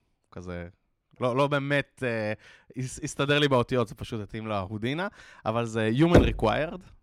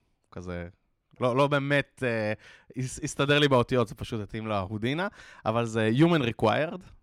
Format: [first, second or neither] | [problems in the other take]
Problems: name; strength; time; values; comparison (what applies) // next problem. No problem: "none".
second | door banging; loud; at 6 s; peak 5 dB above the speech